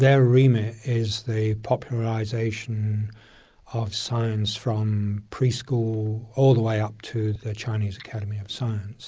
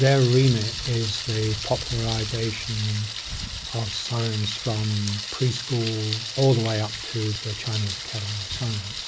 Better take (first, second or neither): first